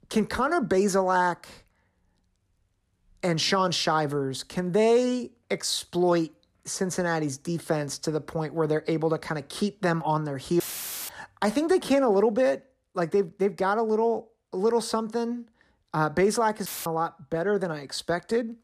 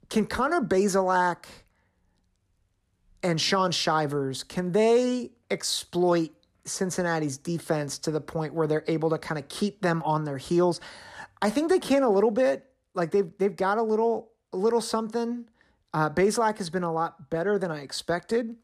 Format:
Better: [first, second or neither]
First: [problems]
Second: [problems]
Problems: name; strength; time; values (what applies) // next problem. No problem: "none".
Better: second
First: audio cutting out; filled with static; at 11 s and at 17 s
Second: none